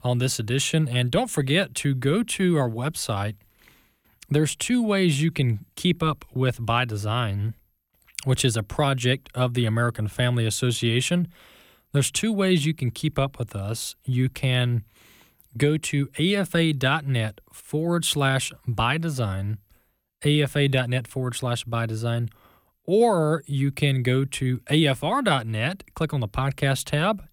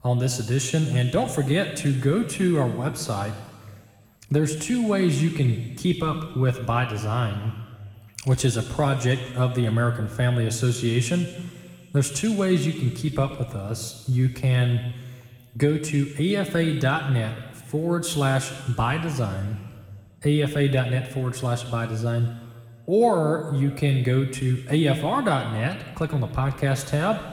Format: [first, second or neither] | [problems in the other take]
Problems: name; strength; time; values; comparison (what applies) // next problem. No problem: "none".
first | room echo; slight; dies away in 1.7 s